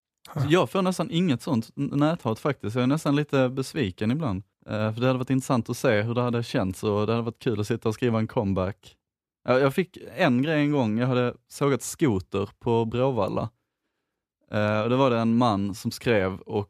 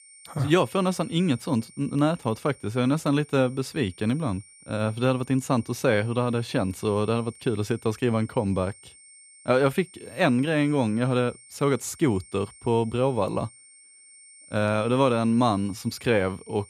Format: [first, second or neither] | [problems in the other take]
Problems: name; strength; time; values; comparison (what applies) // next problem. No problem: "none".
first | high-pitched whine; faint; throughout; 8.5 kHz, 20 dB below the speech